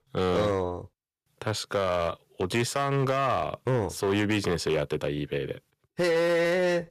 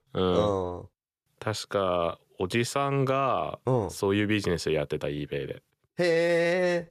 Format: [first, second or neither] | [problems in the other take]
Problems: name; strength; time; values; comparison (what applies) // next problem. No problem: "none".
second | distortion; slight; 10% of the sound clipped